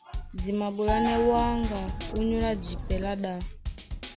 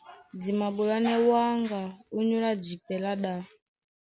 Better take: second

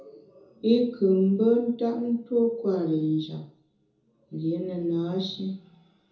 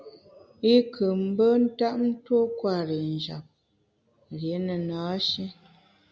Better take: second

